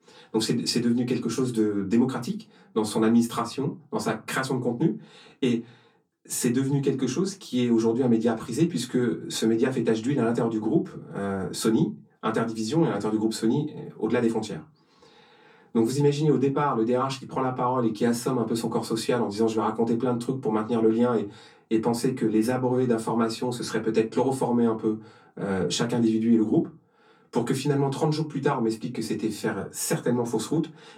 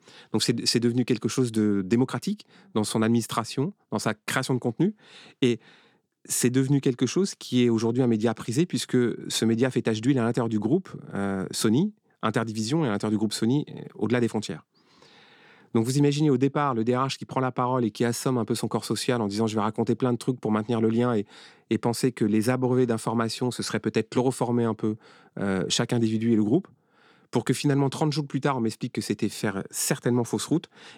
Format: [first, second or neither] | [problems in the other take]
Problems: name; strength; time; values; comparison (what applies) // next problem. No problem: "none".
second | off-mic speech; far // room echo; very slight; dies away in 0.2 s